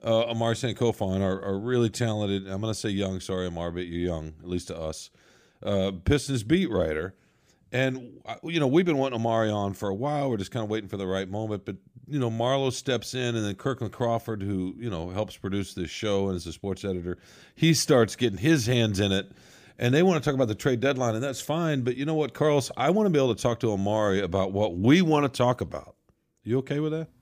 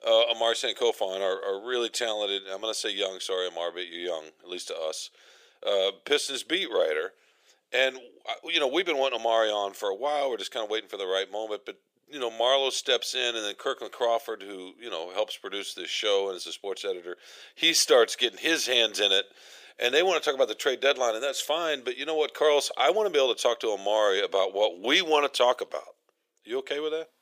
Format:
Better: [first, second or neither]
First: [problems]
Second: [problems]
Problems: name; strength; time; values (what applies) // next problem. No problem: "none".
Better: first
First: none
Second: thin; very; fading below 450 Hz